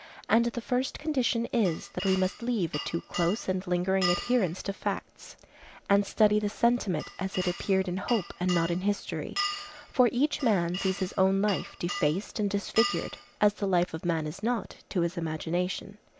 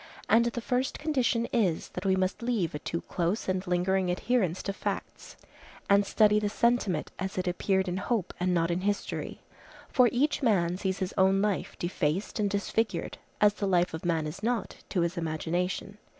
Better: second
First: background sound (Glass); 10 dB below the speech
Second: none

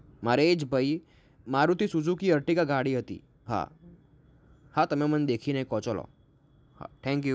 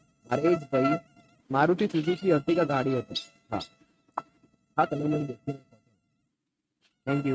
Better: first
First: none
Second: noise reduction (neural mask model RNNoise)

